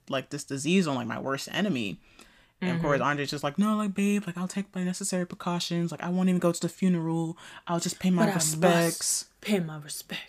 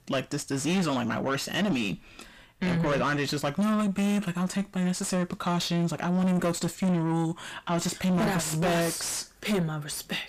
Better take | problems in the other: first | distortion; heavy; 7 dB below the speech

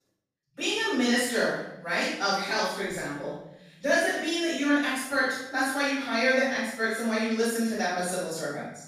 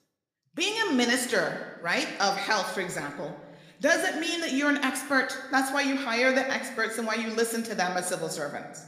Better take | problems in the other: second | room echo; strong; dies away in 0.7 s; slight in the second // off-mic speech; far

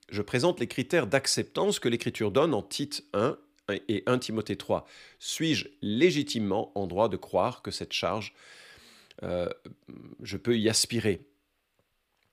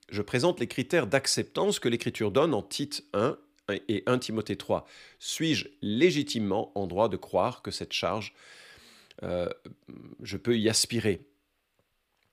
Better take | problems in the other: neither | none

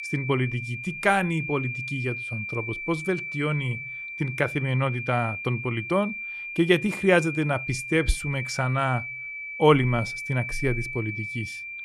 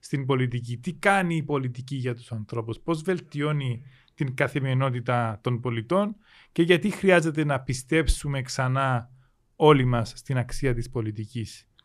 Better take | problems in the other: second | high-pitched whine; loud; throughout; 2.5 kHz, 6 dB below the speech

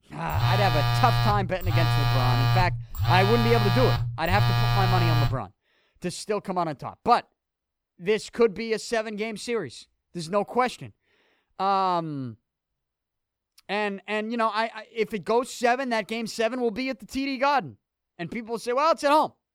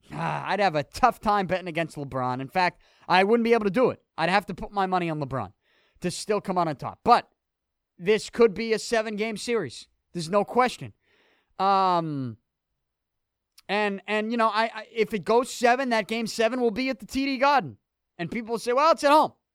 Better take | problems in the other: second | phone ringing; loud; until 5.5 s; peak 4 dB above the speech

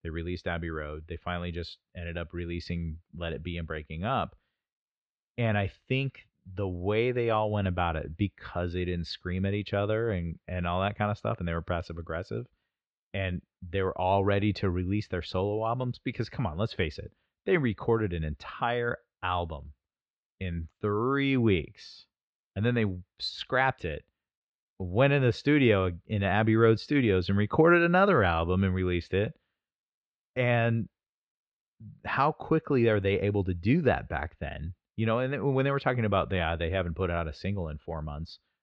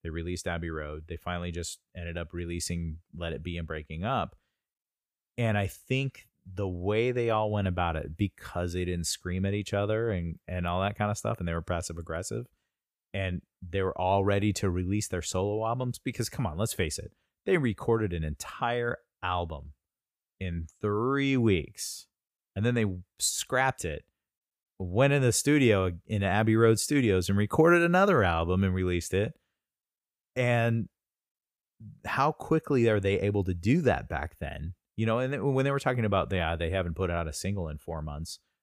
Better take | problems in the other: second | muffled; slightly; fading above 4 kHz

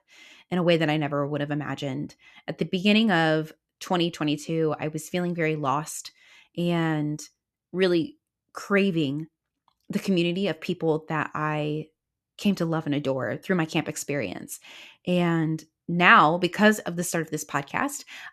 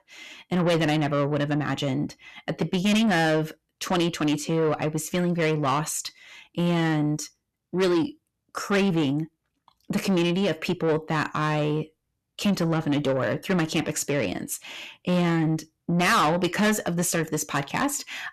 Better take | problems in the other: first | distortion; heavy; 7 dB below the speech

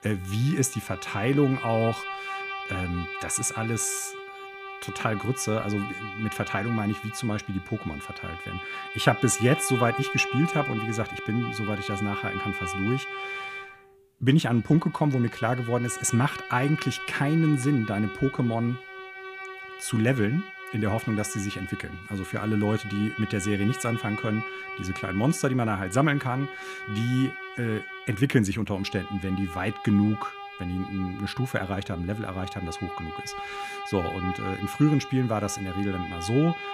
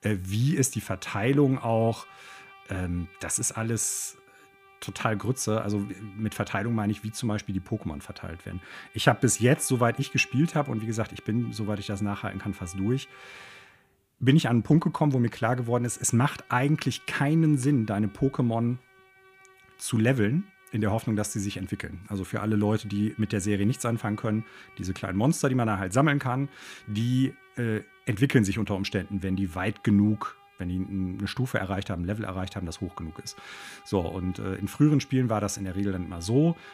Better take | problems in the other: second | background music; loud; throughout; 8 dB below the speech; faint in the second

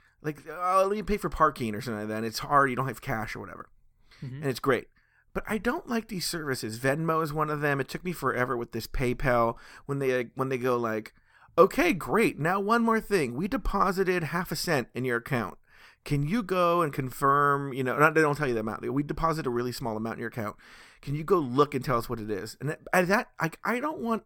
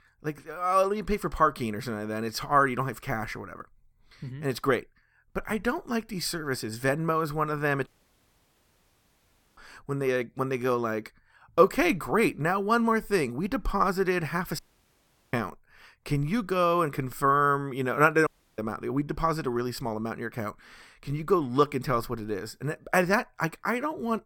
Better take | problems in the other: first | audio cutting out; at 8 s for 1.5 s, at 15 s for 0.5 s and at 18 s

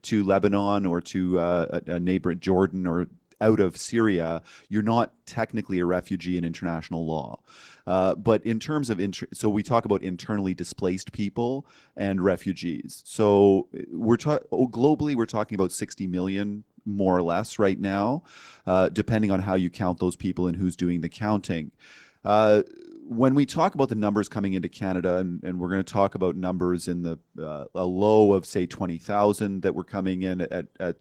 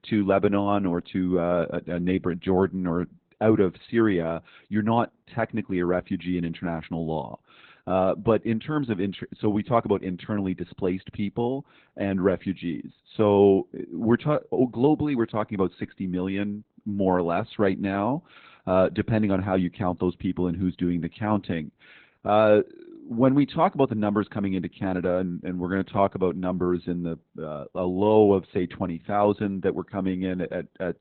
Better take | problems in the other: first | garbled, watery; badly; nothing above 4 kHz; slightly in the first

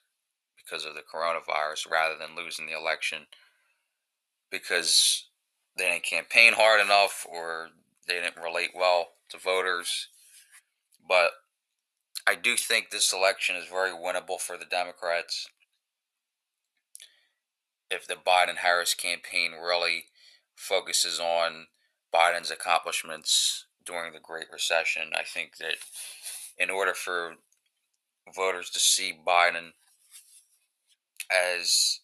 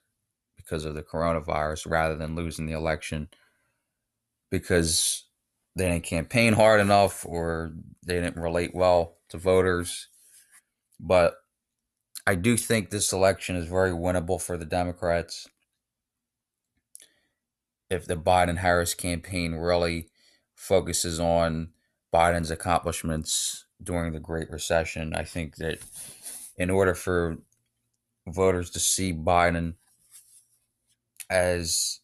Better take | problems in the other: second | thin; very; fading below 800 Hz

